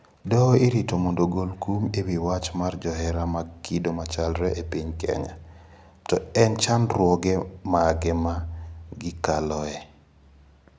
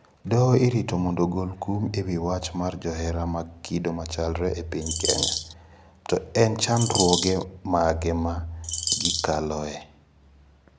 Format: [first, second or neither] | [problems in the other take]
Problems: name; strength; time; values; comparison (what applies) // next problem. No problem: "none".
first | background sound (Bird vocalization, bird call, bird song); 1 dB below the speech